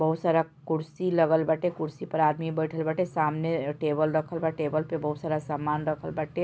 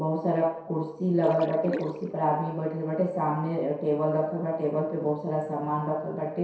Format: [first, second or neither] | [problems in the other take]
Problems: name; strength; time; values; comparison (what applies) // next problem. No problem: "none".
first | noise reduction (neural separator model SepFormer DNS4)